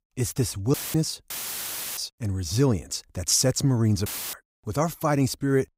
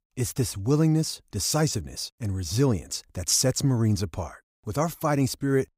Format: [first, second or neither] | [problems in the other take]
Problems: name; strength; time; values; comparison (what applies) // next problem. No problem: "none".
second | audio cutting out; filled with static; at 0.5 s, at 1.5 s for 0.5 s and at 4 s